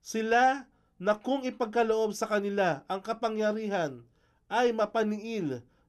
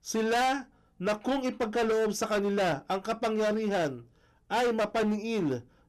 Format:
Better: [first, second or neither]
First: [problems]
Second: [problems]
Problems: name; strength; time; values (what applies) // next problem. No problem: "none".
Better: first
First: none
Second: distortion; heavy; 17% of the sound clipped